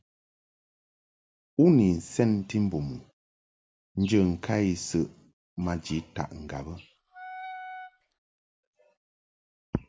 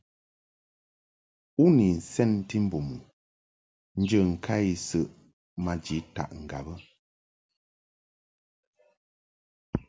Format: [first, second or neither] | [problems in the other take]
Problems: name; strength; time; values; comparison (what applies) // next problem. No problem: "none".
second | background sound (Wind instrument, woodwind instrument); 13 dB below the speech